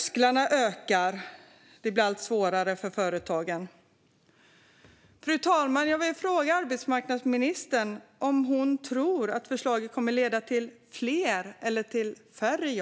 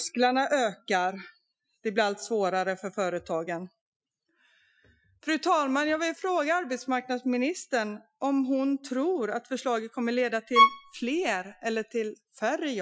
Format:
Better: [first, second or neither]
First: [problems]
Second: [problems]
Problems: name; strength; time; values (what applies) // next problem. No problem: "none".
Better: first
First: none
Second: noise reduction (classical method Wiener filter)